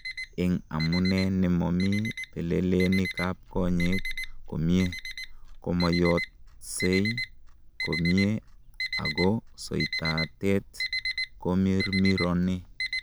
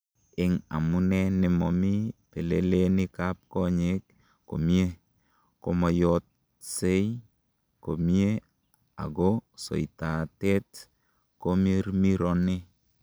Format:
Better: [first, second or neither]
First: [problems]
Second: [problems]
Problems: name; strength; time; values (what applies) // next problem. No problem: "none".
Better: second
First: background sound (Alarm); 7 dB below the speech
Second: none